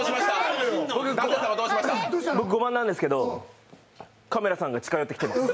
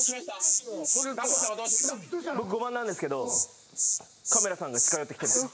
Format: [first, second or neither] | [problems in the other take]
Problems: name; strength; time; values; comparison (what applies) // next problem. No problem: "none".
first | noise reduction (neural mask model Resemble Enhance denoiser)